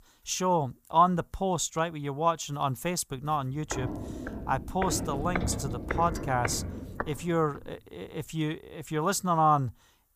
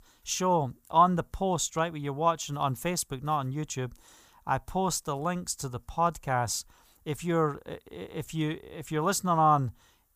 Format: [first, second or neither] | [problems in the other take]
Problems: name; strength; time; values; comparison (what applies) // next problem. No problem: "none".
second | footsteps; noticeable; from 3.5 to 7.5 s; peak 3 dB below the speech